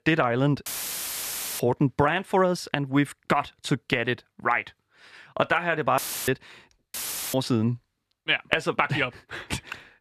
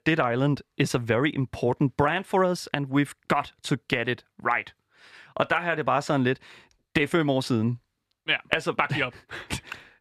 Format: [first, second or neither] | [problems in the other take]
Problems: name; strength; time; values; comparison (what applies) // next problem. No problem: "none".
second | audio cutting out; filled with static; at 0.5 s for 1 s, at 6 s and at 7 s